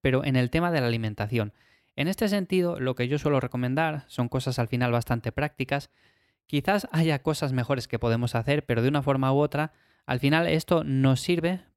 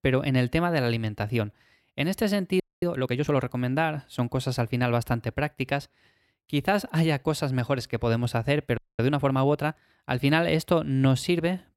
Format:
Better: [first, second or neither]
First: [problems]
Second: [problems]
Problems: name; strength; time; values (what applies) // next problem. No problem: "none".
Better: first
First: none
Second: audio freezing; at 2.5 s and at 9 s